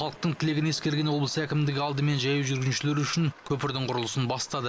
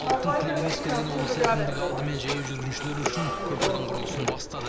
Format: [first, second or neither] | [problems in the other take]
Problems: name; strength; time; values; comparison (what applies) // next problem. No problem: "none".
first | background sound (Telephone); 4 dB above the speech